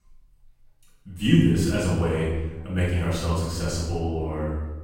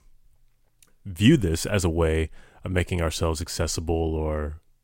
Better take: second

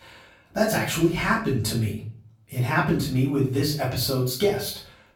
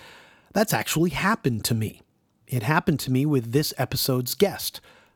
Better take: second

